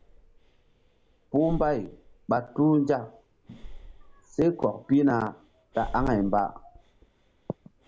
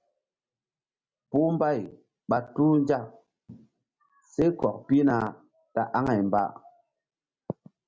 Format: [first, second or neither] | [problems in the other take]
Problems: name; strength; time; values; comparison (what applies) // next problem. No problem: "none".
second | background sound (Breathing); 14 dB below the speech